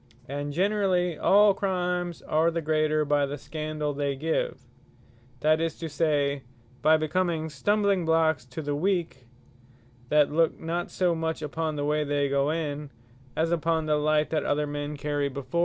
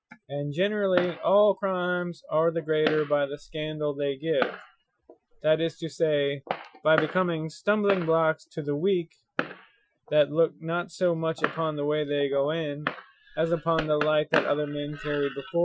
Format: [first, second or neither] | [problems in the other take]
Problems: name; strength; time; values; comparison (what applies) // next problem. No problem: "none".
first | noise reduction (classical method Wiener filter)